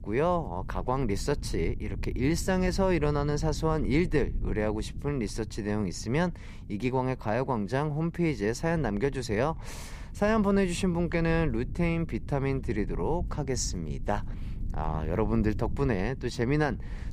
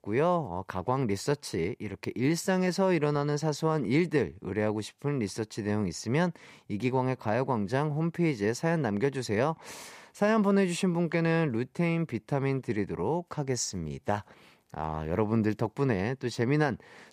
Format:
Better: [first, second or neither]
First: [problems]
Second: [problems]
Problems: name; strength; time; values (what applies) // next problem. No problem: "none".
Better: second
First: low rumble; faint; throughout; 20 dB below the speech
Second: none